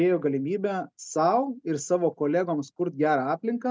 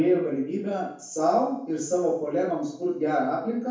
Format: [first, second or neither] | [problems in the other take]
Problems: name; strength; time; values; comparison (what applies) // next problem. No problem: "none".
first | room echo; dies away in 0.6 s